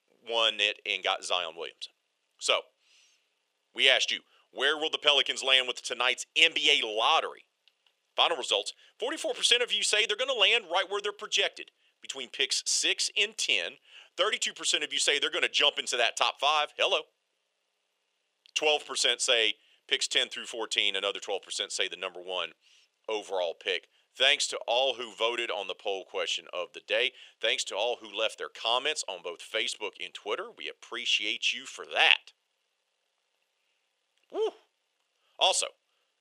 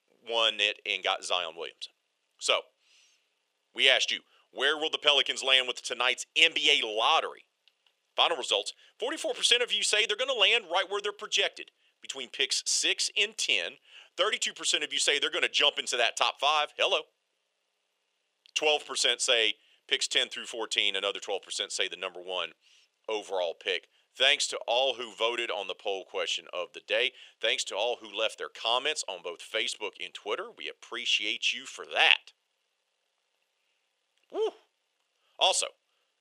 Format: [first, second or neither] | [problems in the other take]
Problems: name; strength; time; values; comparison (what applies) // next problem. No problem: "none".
neither | thin; very; fading below 450 Hz; the same in both